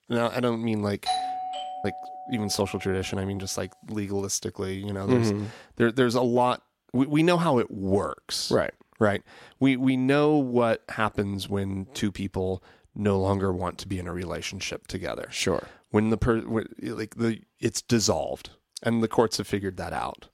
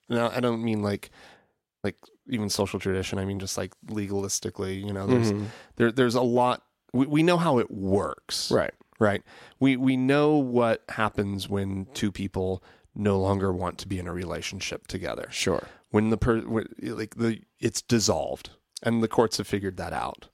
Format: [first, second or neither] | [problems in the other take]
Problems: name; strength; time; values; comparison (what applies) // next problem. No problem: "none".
second | doorbell; noticeable; from 1 to 2.5 s; peak 1 dB below the speech